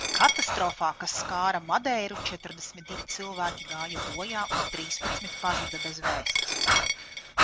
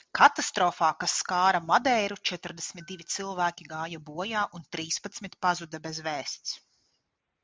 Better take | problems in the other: second | background sound (Breathing + Coin (dropping)); as loud as the speech

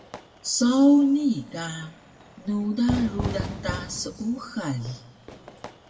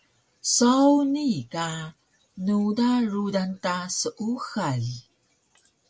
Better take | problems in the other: second | background sound (Fire / Fireworks); 11 dB below the speech // room echo; dies away in 1.1 s

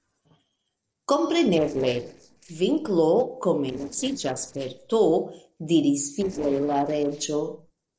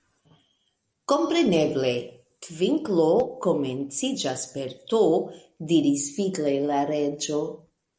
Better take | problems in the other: second | noise reduction (neural separator model SepFormer DNS4)

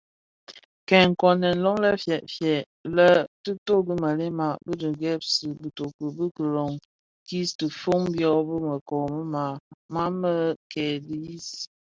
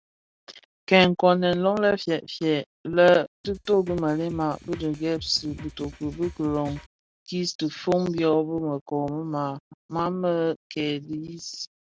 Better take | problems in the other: first | background sound (Drum kit); 18 dB below the speech

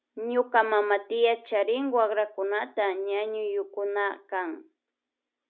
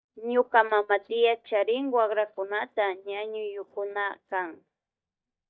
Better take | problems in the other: first | noise reduction (neural mask model DeepFilterNet 3)

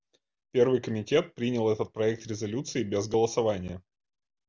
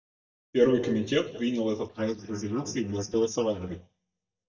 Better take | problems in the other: first | noise reduction (neural mask model DeepFilterNet 3)

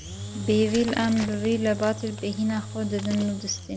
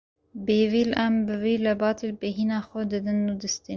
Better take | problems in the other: second | background sound (Engine / Drill); 10 dB below the speech

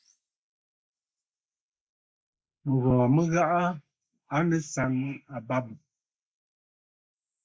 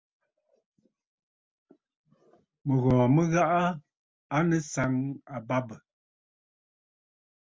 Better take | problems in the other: second | noise reduction (neural mask model Resemble Enhance denoiser)

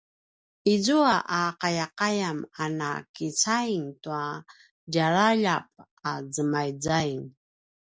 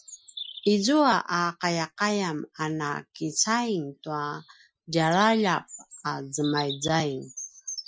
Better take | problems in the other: first | noise reduction (classical method Wiener filter)

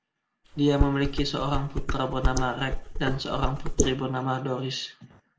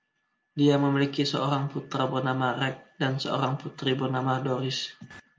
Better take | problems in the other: second | noise reduction (neural mask model Resemble Enhance denoiser)

